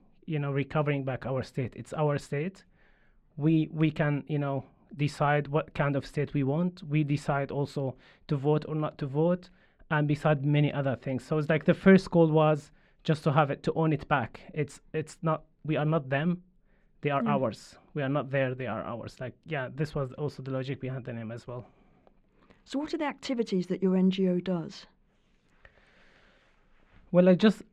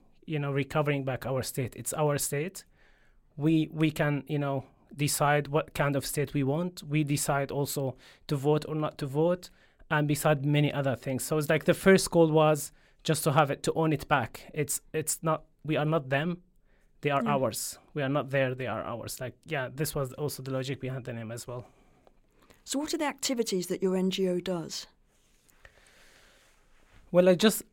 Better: second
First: muffled; slightly; fading above 3 kHz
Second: none

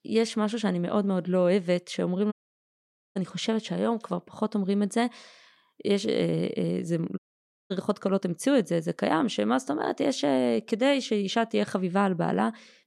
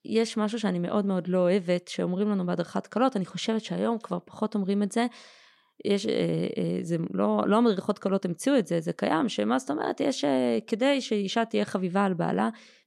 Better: second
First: audio cutting out; at 2.5 s for 1 s and at 7 s for 0.5 s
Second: none

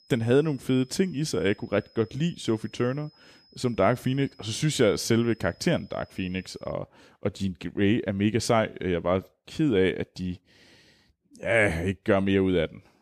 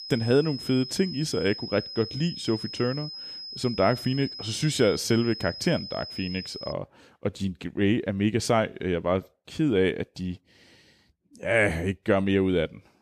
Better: first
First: high-pitched whine; faint; until 6.5 s; 5 kHz, 30 dB below the speech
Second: high-pitched whine; loud; until 6.5 s; 5 kHz, 10 dB below the speech

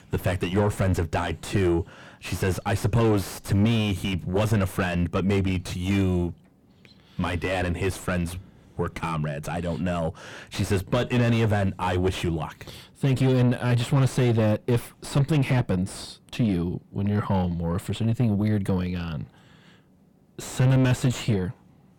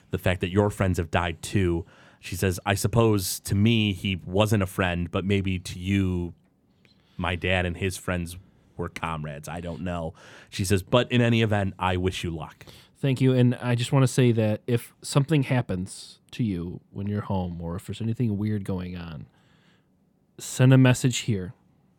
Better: second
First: distortion; heavy; 4 dB below the speech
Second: none

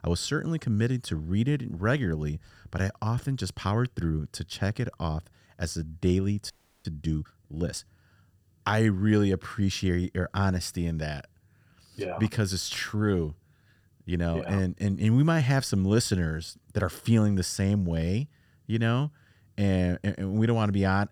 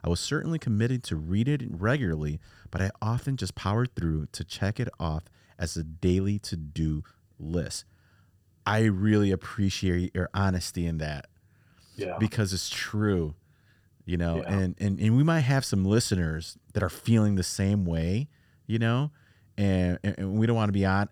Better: second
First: audio freezing; at 6.5 s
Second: none

